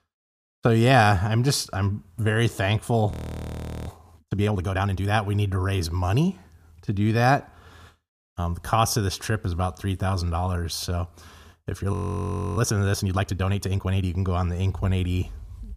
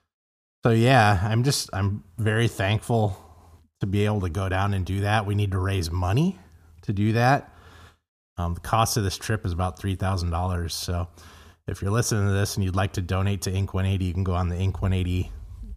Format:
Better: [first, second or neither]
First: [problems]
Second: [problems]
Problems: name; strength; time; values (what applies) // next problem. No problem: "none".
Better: second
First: audio freezing; at 3 s for 1 s and at 12 s for 0.5 s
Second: none